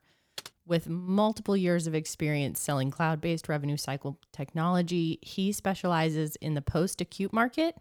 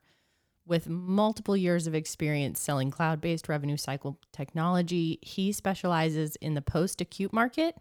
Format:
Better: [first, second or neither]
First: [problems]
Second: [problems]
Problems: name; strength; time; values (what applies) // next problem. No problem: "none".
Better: second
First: keyboard typing; faint; at 0.5 s; peak 15 dB below the speech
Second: none